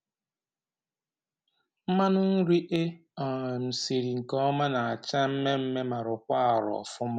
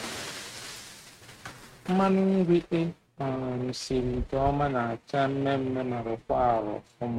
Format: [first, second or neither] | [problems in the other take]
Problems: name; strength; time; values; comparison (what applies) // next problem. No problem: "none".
first | noise reduction (neural mask model RNNoise)